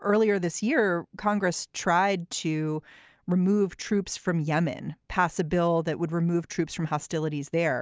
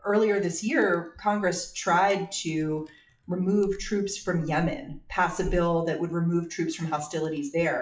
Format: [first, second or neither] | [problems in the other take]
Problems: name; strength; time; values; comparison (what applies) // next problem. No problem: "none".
first | noise reduction (classical method WPE with log-MMSE)